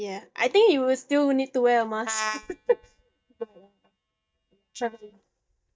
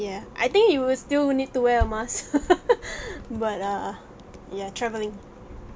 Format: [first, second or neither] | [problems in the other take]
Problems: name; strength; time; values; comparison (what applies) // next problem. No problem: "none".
second | noise reduction (neural mask model DeepFilterNet 3)